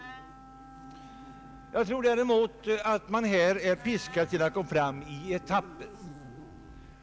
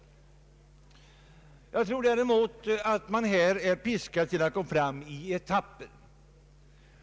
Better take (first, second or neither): second